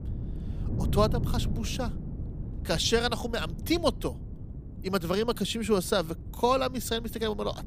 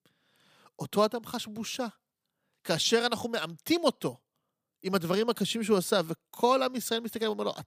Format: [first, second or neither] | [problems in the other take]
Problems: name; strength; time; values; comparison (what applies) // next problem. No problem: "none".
second | wind noise on the microphone; occasional gusts; 20 dB below the speech